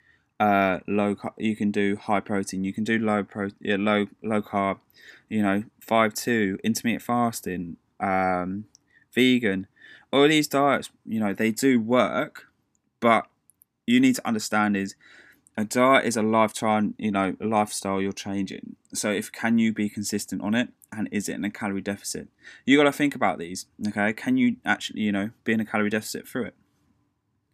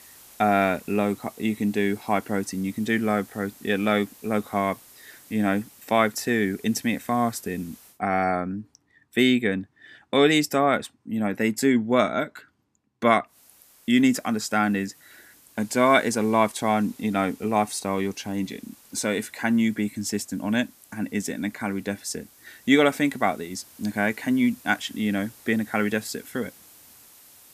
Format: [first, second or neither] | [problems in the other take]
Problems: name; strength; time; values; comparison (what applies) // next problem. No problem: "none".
first | hiss; faint; until 8 s and from 13 s on; 25 dB below the speech